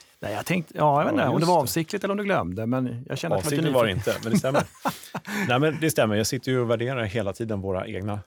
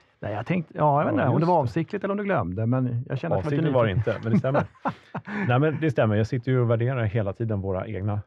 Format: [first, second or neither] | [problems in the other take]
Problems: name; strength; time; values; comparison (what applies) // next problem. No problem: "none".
first | muffled; very; fading above 2 kHz